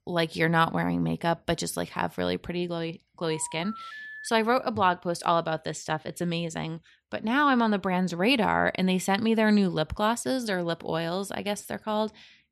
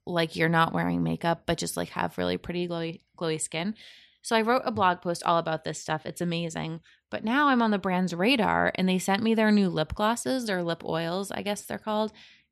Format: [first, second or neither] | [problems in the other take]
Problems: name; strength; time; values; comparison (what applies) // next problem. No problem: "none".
second | phone ringing; faint; from 3 to 4.5 s; peak 15 dB below the speech